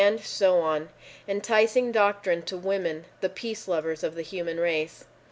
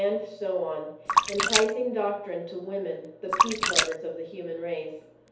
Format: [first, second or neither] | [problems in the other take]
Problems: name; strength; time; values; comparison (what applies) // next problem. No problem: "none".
first | background sound (Splash, splatter); 2 dB above the speech // room echo; dies away in 2.2 s